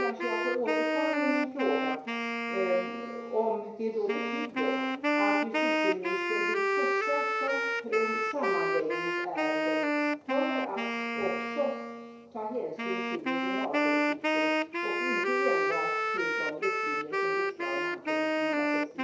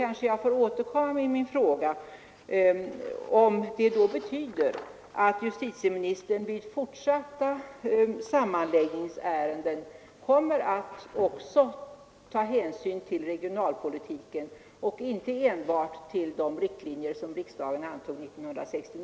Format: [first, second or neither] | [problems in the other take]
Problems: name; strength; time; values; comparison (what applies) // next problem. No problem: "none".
second | background sound (Wind instrument, woodwind instrument); 4 dB above the speech // room echo; dies away in 0.6 s